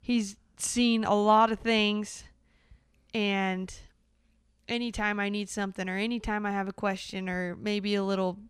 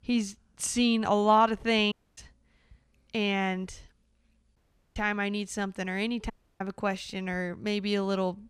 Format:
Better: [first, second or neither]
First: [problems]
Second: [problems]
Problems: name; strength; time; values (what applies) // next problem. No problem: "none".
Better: first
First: none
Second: audio cutting out; at 2 s, at 4.5 s and at 6.5 s